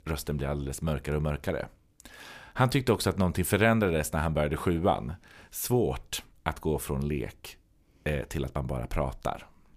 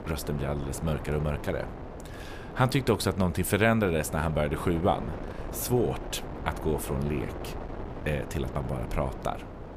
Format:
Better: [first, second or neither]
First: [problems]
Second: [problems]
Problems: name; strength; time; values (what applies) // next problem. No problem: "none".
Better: first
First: none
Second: wind noise on the microphone; occasional gusts; 10 dB below the speech